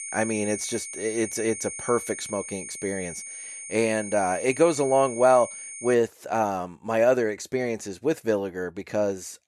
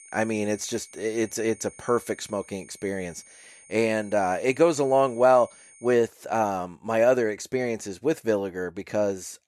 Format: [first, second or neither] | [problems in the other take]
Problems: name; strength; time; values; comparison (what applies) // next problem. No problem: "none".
second | high-pitched whine; loud; until 6 s; 9 kHz, 9 dB below the speech; faint in the second